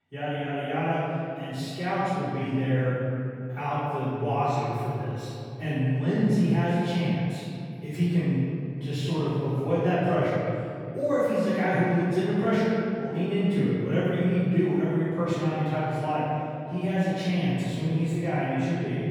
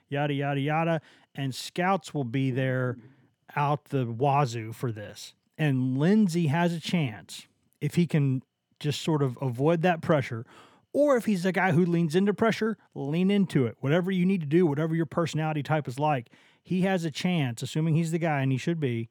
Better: second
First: room echo; strong; dies away in 2.5 s // off-mic speech; far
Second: none

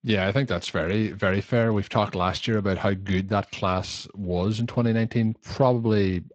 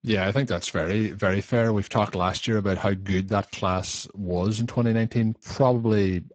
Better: first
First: garbled, watery; slightly; nothing above 7.5 kHz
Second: garbled, watery; badly; nothing above 7.5 kHz

